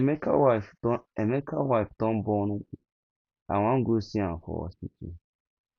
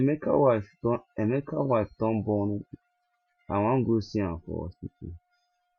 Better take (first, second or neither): first